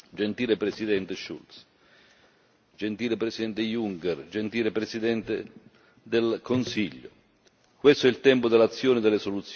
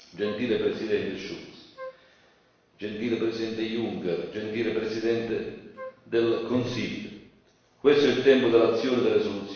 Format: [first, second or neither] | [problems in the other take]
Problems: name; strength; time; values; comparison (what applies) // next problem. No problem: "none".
first | background sound (Wind instrument, woodwind instrument); 17 dB below the speech // room echo; dies away in 0.9 s